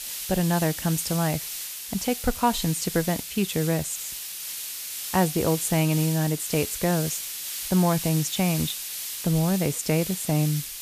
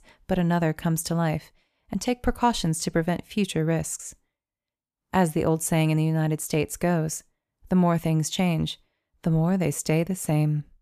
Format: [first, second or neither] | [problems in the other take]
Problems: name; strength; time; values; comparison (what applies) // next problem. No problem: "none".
second | hiss; loud; throughout; 6 dB below the speech